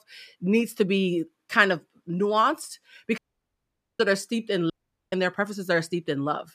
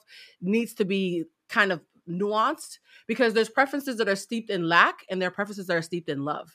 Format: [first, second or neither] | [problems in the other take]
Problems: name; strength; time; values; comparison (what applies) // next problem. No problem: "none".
second | audio cutting out; at 3 s for 1 s and at 4.5 s